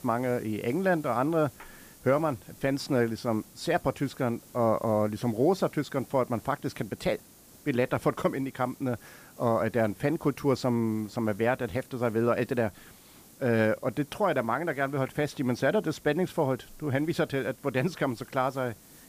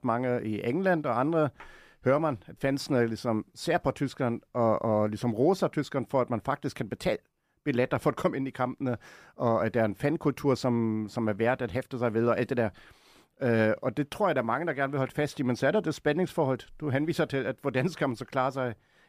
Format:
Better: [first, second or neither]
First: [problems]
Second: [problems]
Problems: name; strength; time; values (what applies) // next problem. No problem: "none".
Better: second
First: hiss; faint; throughout; 25 dB below the speech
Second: none